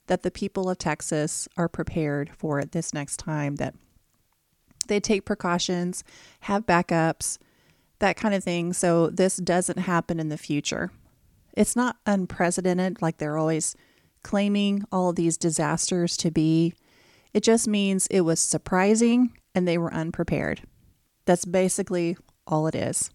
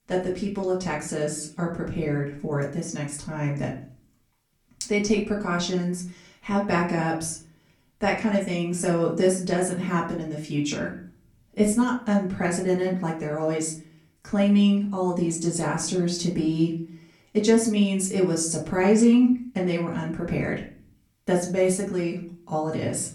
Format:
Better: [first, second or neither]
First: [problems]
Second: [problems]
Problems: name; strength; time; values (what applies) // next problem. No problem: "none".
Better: first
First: none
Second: off-mic speech; far // room echo; slight; dies away in 0.4 s